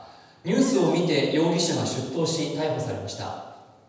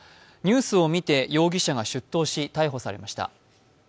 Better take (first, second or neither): second